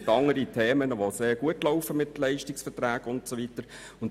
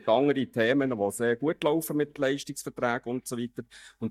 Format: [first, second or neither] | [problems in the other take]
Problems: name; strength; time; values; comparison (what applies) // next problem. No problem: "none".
first | noise reduction (neural mask model DeepFilterNet 3)